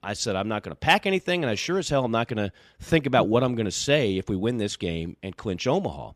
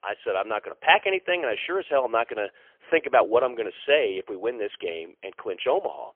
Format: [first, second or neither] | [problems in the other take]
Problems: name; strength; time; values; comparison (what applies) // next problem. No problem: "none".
first | phone-call audio; poor line; nothing above 3 kHz